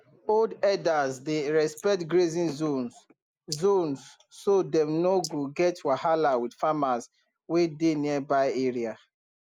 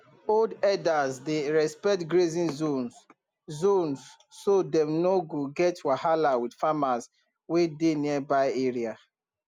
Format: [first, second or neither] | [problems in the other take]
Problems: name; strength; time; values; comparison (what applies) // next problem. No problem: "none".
second | noise reduction (neural mask model Resemble Enhance denoiser)